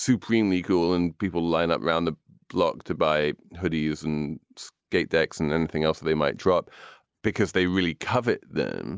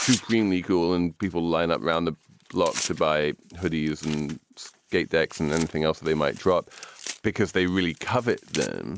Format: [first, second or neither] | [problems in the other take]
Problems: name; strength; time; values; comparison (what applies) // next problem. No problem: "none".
first | background sound (Tearing); 14 dB below the speech